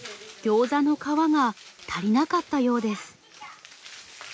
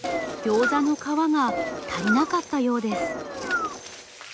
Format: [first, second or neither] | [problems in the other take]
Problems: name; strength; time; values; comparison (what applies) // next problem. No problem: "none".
first | background sound (Engine); 5 dB below the speech